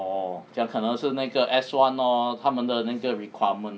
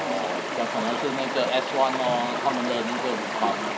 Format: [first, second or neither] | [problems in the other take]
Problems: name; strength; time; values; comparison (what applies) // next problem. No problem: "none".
first | background sound (Stream); 1 dB below the speech